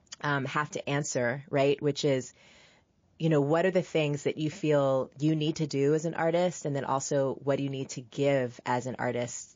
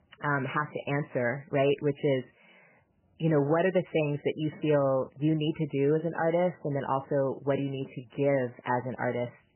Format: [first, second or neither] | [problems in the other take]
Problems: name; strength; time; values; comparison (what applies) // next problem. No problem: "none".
first | garbled, watery; badly; nothing above 3 kHz; slightly in the first